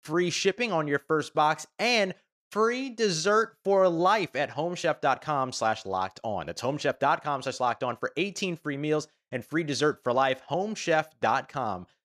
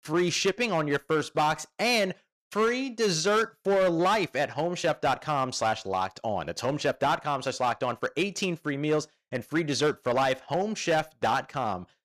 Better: first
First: none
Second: distortion; slight; 7% of the sound clipped

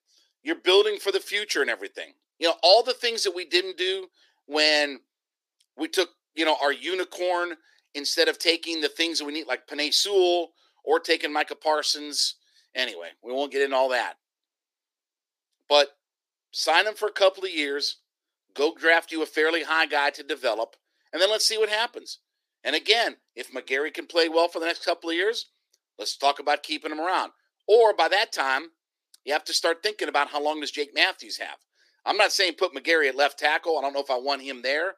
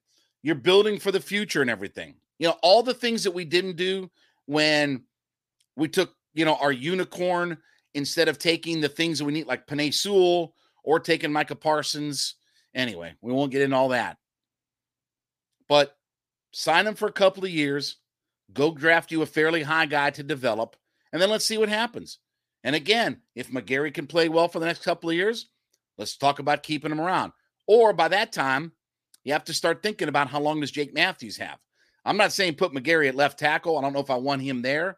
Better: second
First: thin; somewhat; fading below 350 Hz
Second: none

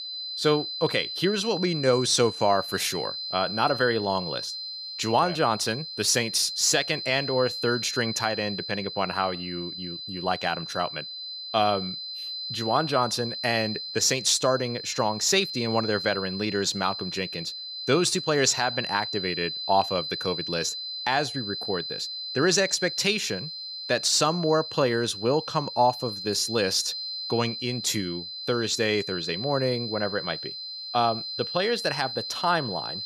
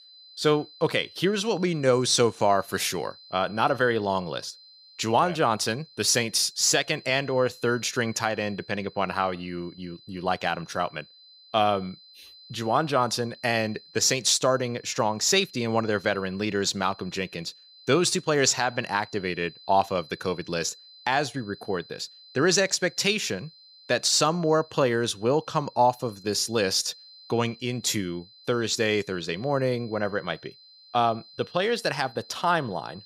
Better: second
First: high-pitched whine; loud; throughout; 4 kHz, 6 dB below the speech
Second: high-pitched whine; faint; throughout; 4 kHz, 25 dB below the speech

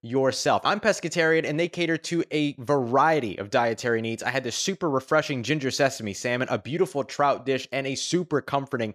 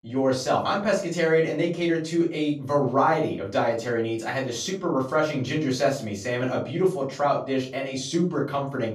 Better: first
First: none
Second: off-mic speech; far // room echo; slight; dies away in 0.3 s

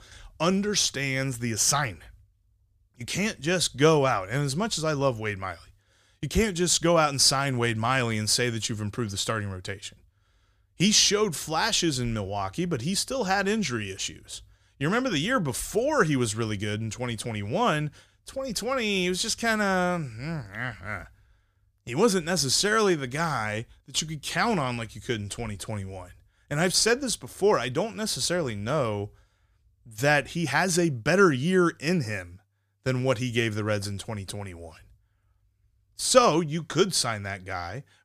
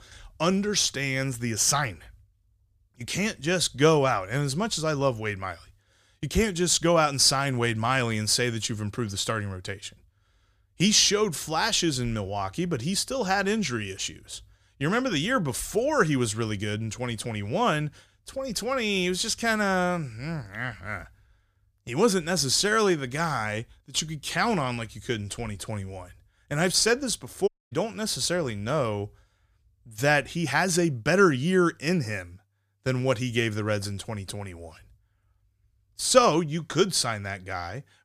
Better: first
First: none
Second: audio cutting out; at 27 s

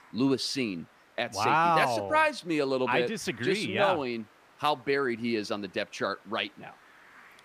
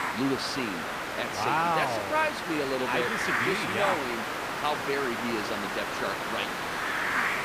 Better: first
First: hiss; faint; throughout; 30 dB below the speech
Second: hiss; loud; throughout; as loud as the speech

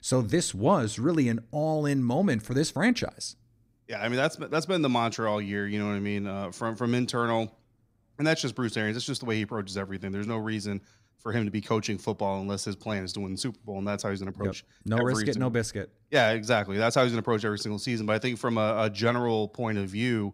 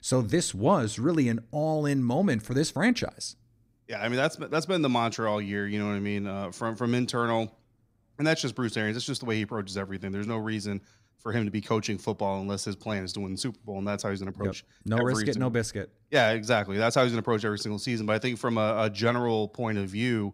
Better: neither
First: none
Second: none

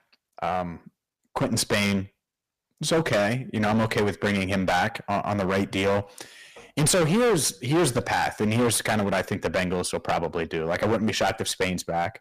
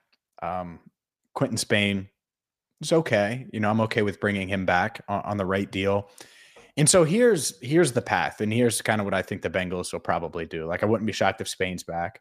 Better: second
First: distortion; heavy; 15% of the sound clipped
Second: none

